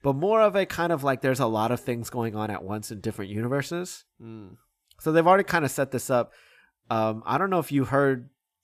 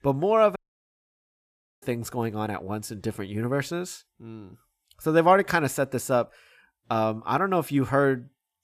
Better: first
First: none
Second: audio cutting out; at 0.5 s for 1.5 s

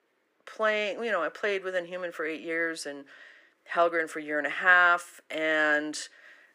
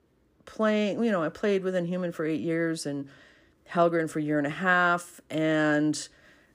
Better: second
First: thin; very; fading below 500 Hz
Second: none

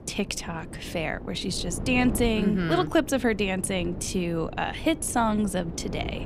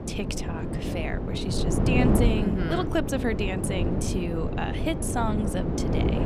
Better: first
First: wind noise on the microphone; occasional gusts; 15 dB below the speech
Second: wind noise on the microphone; heavy; 2 dB below the speech

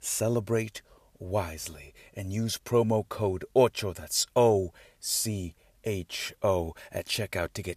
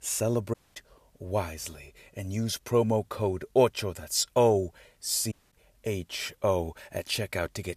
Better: first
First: none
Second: audio cutting out; at 0.5 s and at 5.5 s

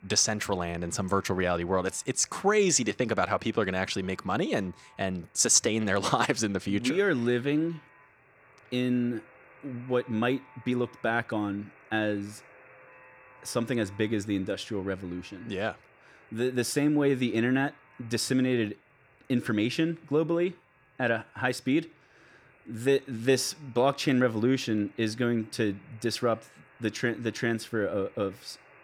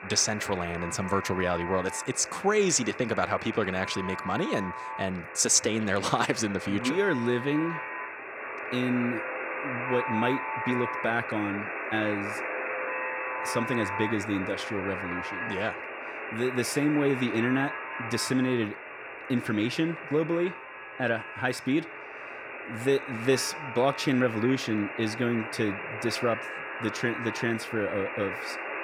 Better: first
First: alarms or sirens; faint; throughout; 30 dB below the speech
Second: alarms or sirens; loud; throughout; 6 dB below the speech

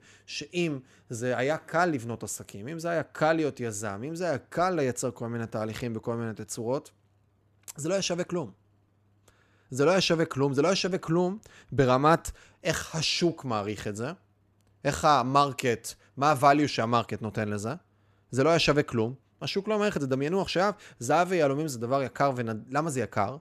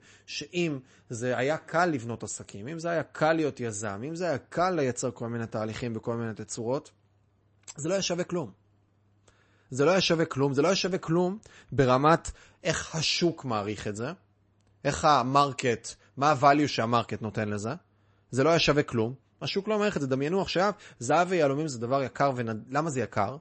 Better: first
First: none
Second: garbled, watery; slightly; nothing above 8 kHz

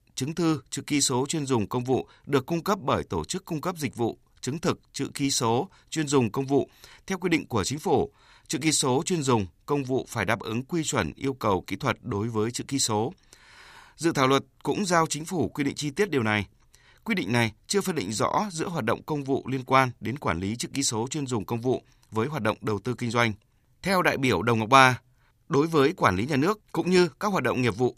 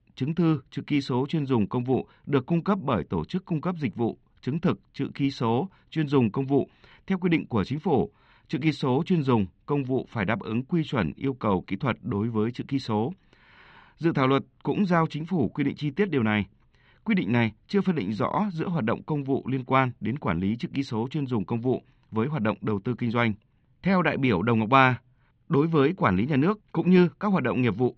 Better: first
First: none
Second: muffled; very; fading above 3 kHz

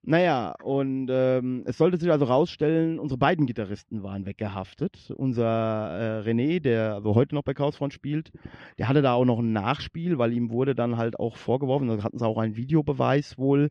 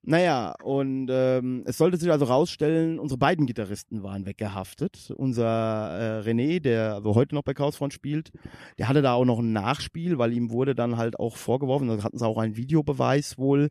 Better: second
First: muffled; very slightly; fading above 4 kHz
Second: none

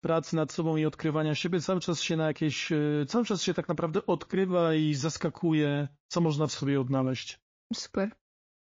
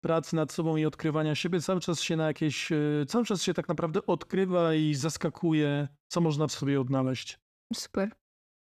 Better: second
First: garbled, watery; slightly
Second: none

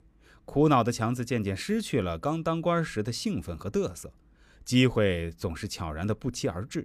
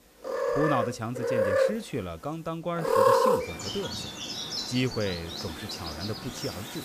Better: first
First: none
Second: animal sounds; very loud; throughout; 5 dB above the speech

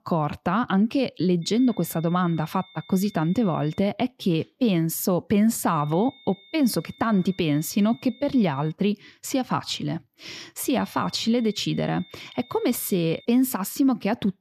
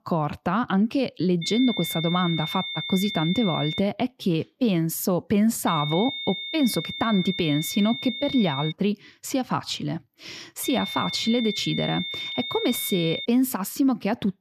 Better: first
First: high-pitched whine; faint; from 1.5 to 4 s, from 5.5 to 8.5 s and from 11 to 13 s; 3.5 kHz, 25 dB below the speech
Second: high-pitched whine; loud; from 1.5 to 4 s, from 5.5 to 8.5 s and from 11 to 13 s; 3.5 kHz, 5 dB below the speech

